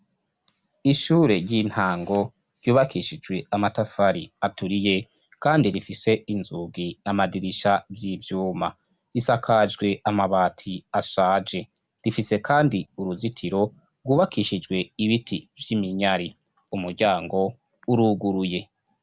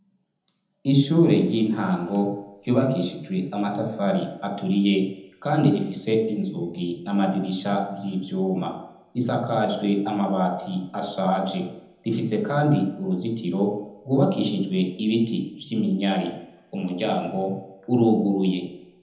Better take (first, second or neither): first